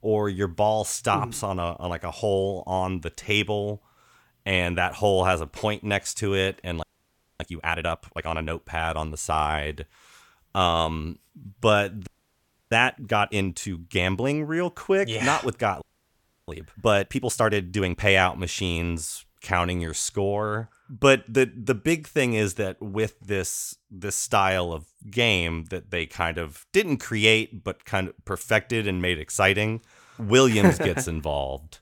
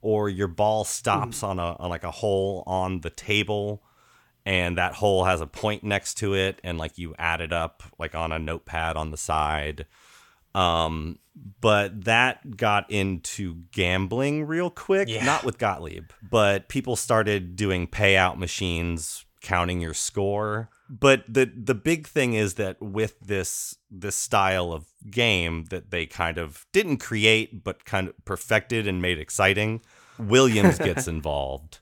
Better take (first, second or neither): second